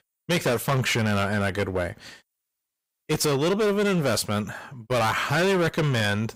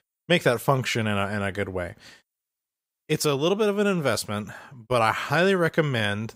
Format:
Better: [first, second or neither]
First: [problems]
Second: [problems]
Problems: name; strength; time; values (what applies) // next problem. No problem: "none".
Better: second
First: distortion; heavy; 17% of the sound clipped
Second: none